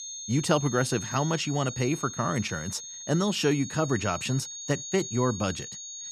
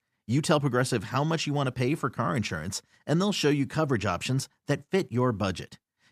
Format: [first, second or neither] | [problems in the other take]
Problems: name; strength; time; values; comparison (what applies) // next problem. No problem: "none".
second | high-pitched whine; loud; throughout; 6.5 kHz, 9 dB below the speech